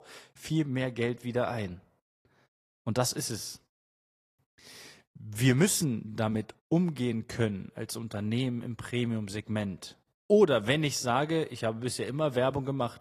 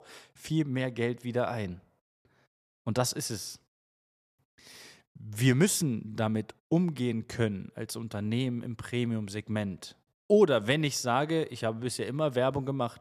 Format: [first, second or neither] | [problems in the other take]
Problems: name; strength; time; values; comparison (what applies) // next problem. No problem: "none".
second | garbled, watery; slightly; nothing above 14.5 kHz